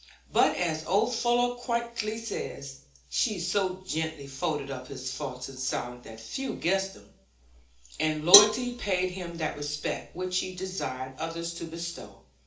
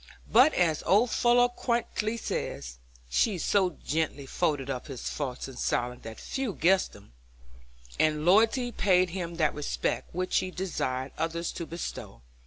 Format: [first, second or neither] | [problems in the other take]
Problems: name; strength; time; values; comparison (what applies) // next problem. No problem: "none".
second | background sound (Cowbell); 3 dB above the speech // room echo; dies away in 0.4 s